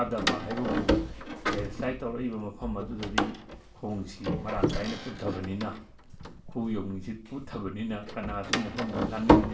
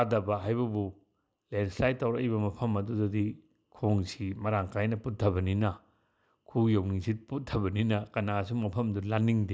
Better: second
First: background sound (Door); 4 dB above the speech // room echo; dies away in 0.3 s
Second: none

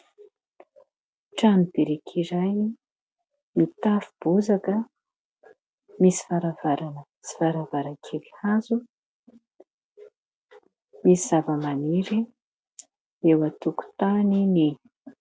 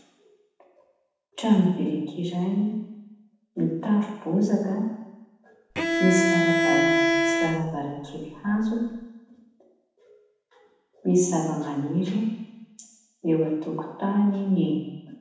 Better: first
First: none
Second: background sound (Bowed string instrument); 2 dB above the speech // room echo; dies away in 1 s

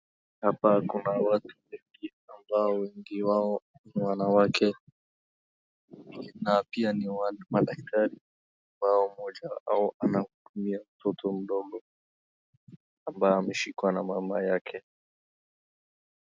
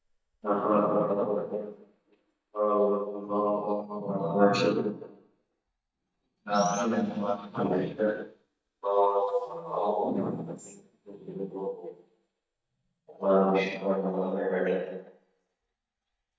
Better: first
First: none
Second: noise reduction (neural mask model DeepFilterNet 3)

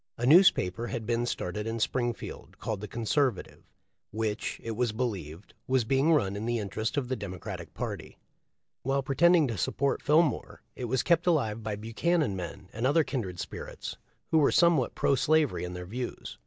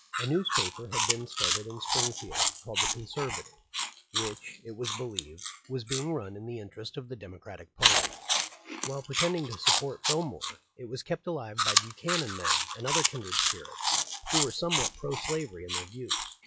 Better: first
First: none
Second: noise reduction (classical method log-MMSE)

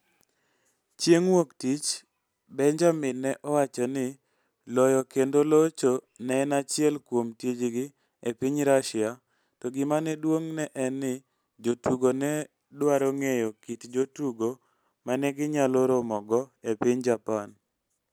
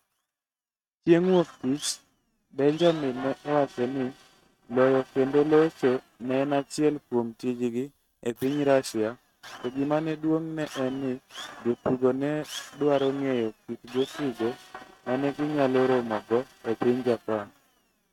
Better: first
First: none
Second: noise reduction (neural mask model RNNoise)

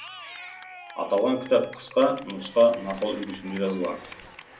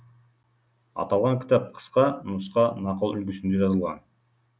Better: second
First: background sound (Cheering / Clapping); 17 dB below the speech // room echo; dies away in 0.3 s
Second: none

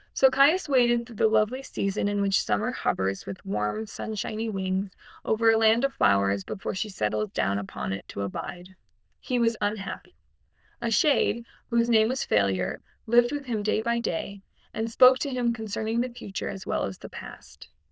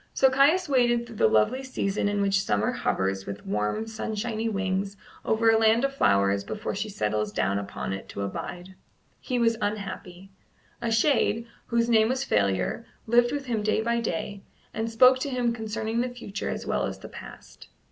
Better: second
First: noise reduction (neural diffusion model UNIVERSE++)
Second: none

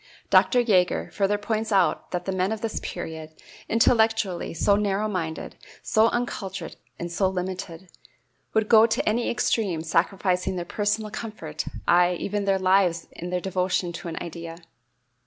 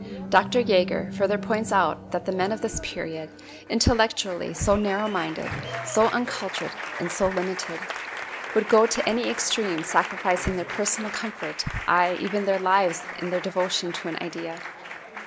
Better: first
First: none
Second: background sound (Applause); 10 dB below the speech

